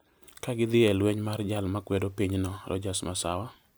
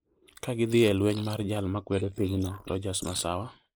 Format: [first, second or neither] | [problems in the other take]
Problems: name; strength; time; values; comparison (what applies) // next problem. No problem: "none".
first | noise reduction (neural mask model Resemble Enhance denoiser)